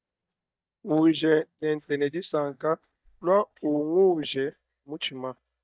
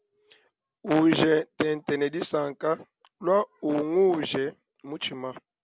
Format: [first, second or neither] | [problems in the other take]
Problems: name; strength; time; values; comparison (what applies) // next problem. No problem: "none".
second | noise reduction (neural mask model DeepFilterNet 3)